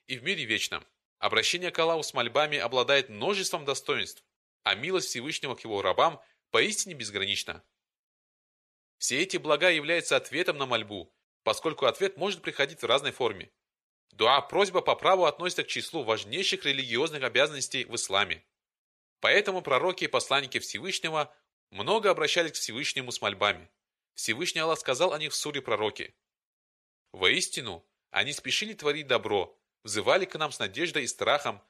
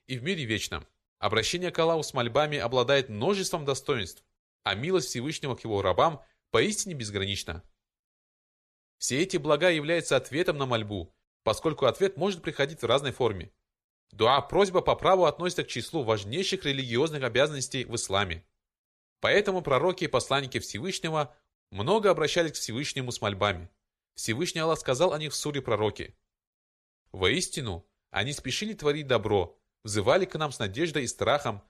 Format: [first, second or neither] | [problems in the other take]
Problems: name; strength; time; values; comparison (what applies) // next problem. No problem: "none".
second | thin; very slightly; fading below 450 Hz